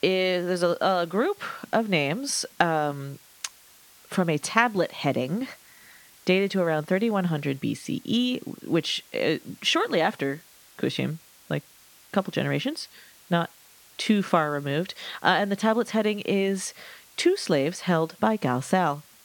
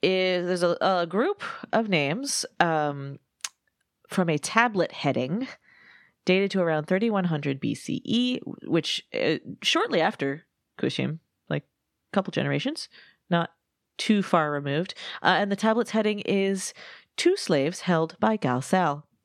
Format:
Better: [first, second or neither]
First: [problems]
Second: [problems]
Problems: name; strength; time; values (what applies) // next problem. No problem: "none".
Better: second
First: hiss; faint; throughout; 25 dB below the speech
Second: none